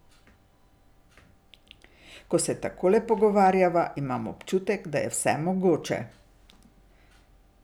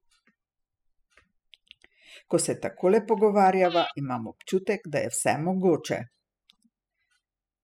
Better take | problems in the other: first | noise reduction (classical method spectral subtraction)

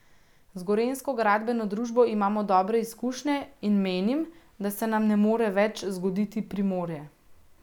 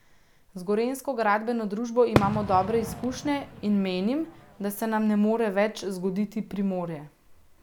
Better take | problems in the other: first | background sound (Fireworks); 6 dB below the speech

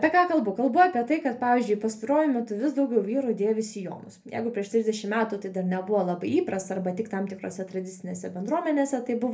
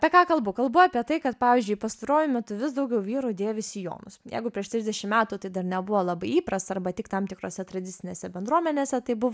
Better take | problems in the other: second | room echo; dies away in 0.3 s

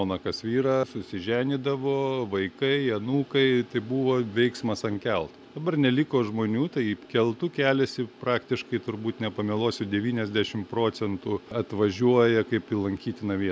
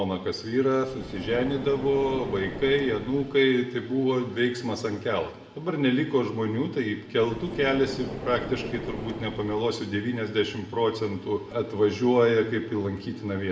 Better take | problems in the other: first | background sound (Car); 10 dB below the speech // room echo; dies away in 0.8 s

